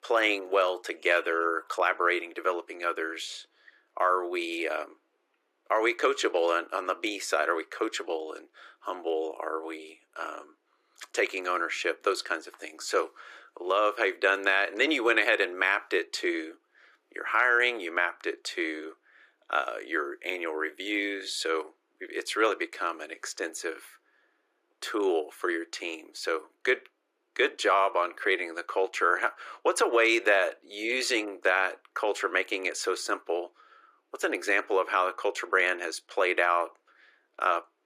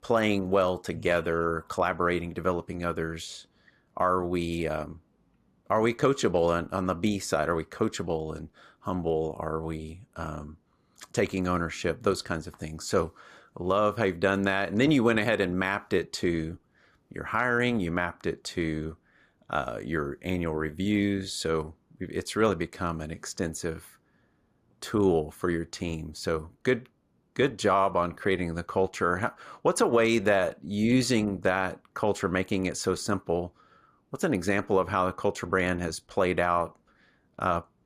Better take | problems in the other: second | thin; very; fading below 350 Hz

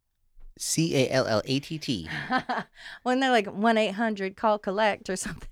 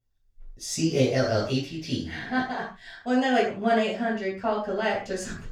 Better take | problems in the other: first | room echo; noticeable; dies away in 0.3 s // off-mic speech; far

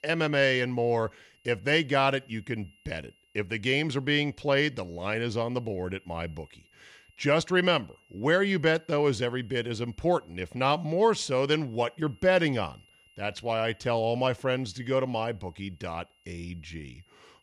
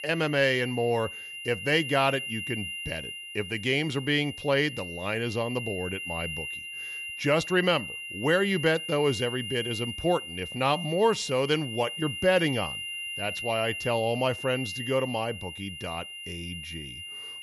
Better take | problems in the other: first | high-pitched whine; loud; throughout; 3 kHz, 7 dB below the speech; faint in the first

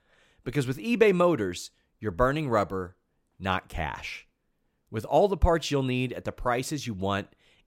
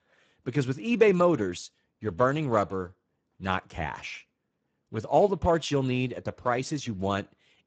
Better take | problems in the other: first | garbled, watery; badly; nothing above 8 kHz

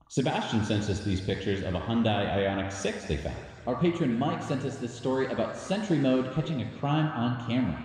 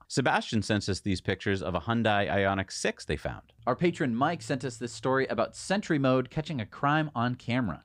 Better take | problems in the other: second | room echo; noticeable; dies away in 1.9 s // off-mic speech; somewhat distant

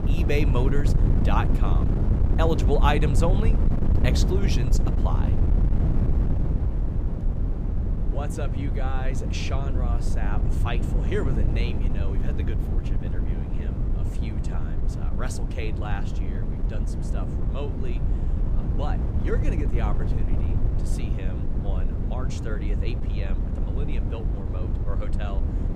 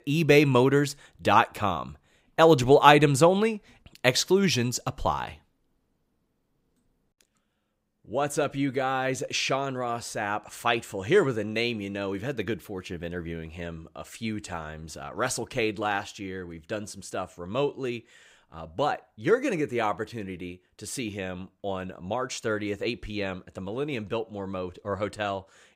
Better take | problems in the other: second | wind noise on the microphone; heavy; 4 dB below the speech

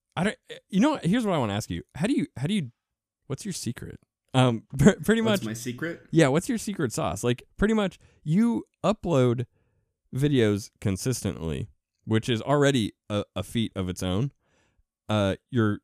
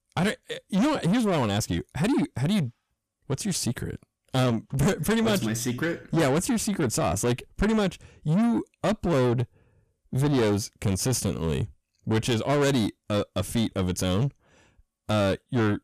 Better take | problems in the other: first | distortion; heavy; 7 dB below the speech

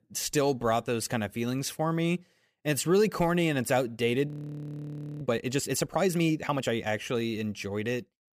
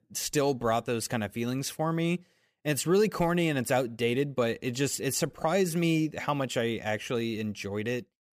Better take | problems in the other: second | audio freezing; at 4.5 s for 1 s

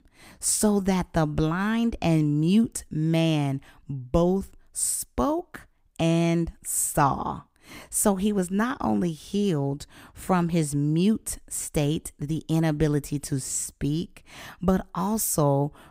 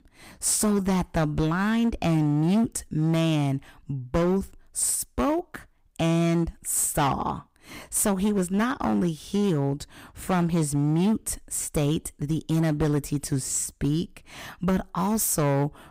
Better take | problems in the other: first | distortion; slight; 10% of the sound clipped

